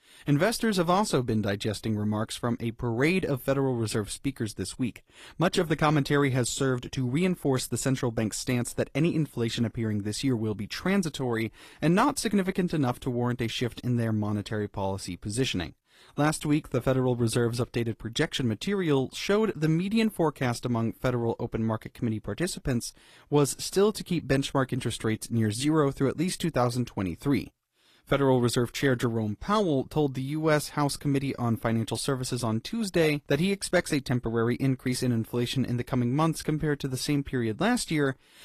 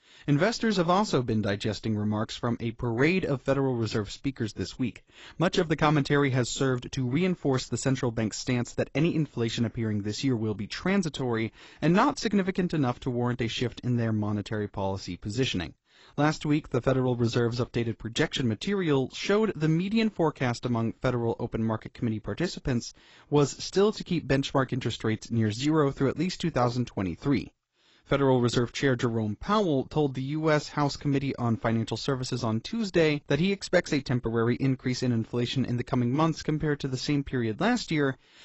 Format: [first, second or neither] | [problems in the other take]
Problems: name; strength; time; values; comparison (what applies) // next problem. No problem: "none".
first | garbled, watery; badly; nothing above 8 kHz; slightly in the first